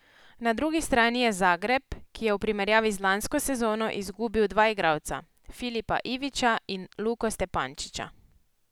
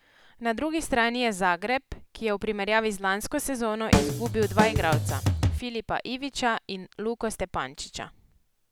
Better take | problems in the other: first | background sound (Drum kit); 4 dB above the speech

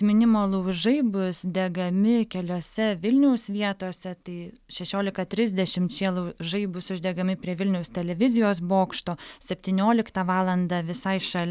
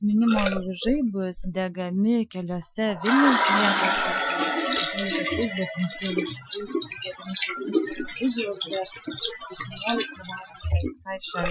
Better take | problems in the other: first | noise reduction (classical method Wiener filter)

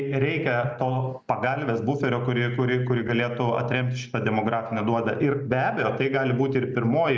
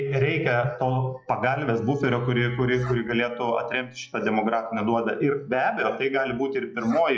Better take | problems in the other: first | noise reduction (classical method log-MMSE)

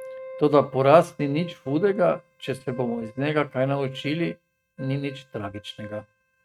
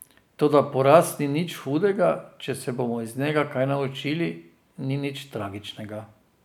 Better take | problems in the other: second | noise reduction (neural mask model RNNoise)

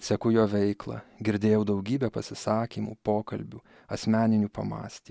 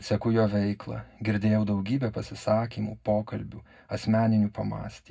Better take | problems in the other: first | room echo; dies away in 0.3 s

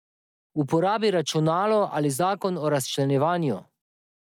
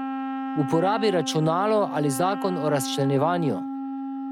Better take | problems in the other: first | background sound (Wind instrument, woodwind instrument); 6 dB below the speech

